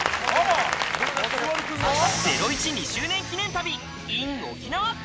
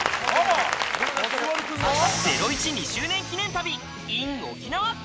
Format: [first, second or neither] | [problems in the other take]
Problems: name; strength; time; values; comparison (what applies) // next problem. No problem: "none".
second | background sound (Fixed-wing aircraft, airplane); 17 dB below the speech